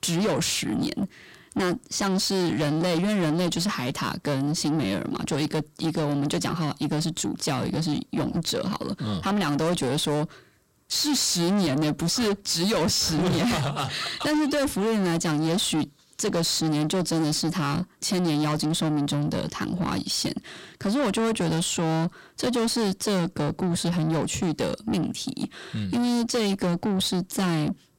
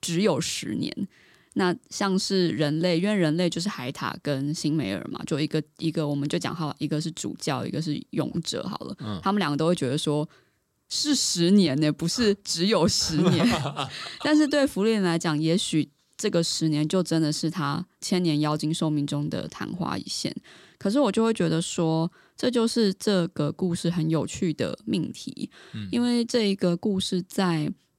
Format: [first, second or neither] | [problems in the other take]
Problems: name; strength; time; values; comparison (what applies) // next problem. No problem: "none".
second | distortion; heavy; 7 dB below the speech